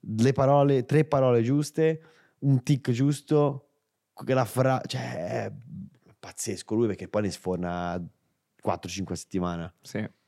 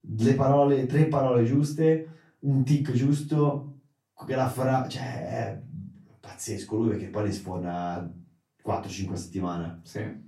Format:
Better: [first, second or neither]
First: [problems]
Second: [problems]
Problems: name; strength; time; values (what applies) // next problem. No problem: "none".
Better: first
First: none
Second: room echo; slight; dies away in 0.3 s // off-mic speech; far